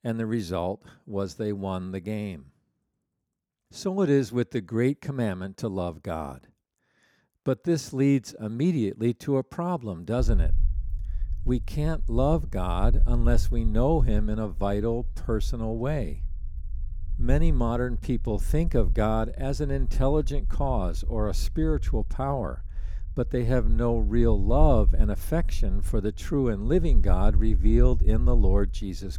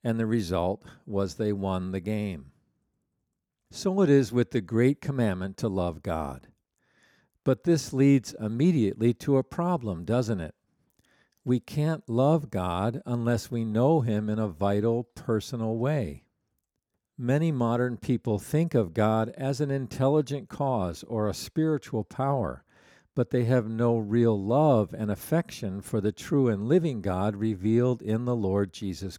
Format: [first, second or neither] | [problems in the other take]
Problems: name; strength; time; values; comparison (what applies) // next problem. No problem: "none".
second | low rumble; faint; from 10 s on; 20 dB below the speech